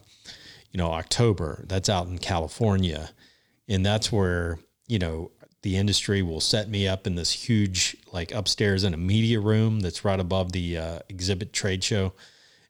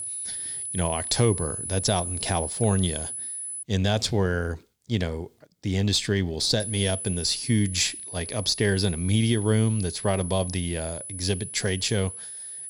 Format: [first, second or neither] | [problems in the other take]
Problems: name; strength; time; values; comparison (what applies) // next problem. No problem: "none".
first | high-pitched whine; loud; until 3.5 s and from 6.5 s on; 10 kHz, 7 dB below the speech